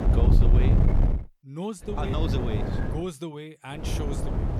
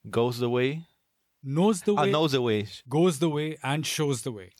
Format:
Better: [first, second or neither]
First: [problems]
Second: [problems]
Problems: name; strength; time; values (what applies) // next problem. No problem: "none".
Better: second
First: wind noise on the microphone; heavy; until 1 s, from 2 to 3 s and at 4 s; 1 dB above the speech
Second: none